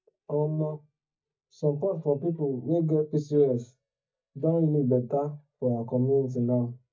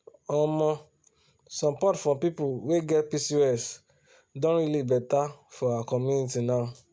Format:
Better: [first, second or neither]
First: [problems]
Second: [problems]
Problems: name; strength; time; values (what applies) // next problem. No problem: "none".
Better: second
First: noise reduction (neural mask model DeepFilterNet 3)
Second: none